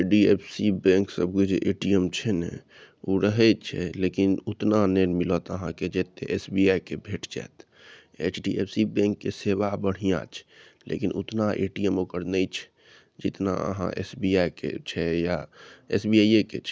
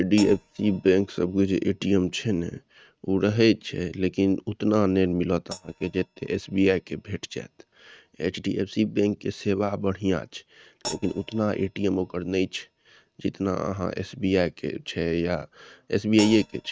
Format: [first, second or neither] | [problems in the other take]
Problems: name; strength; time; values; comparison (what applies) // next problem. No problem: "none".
first | noise reduction (neural mask model RNNoise)